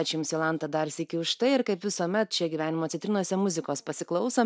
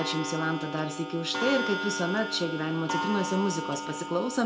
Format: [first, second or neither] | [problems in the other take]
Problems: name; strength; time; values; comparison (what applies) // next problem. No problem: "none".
first | background sound (Clock); 4 dB below the speech // room echo; dies away in 0.5 s